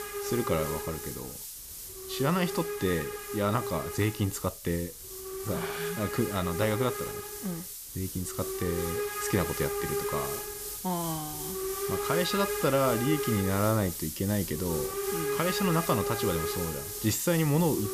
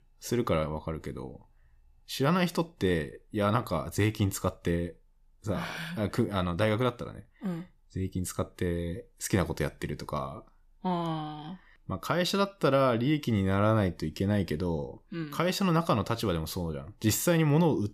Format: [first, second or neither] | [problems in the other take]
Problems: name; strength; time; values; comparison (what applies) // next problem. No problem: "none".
second | hiss; loud; throughout; 3 dB below the speech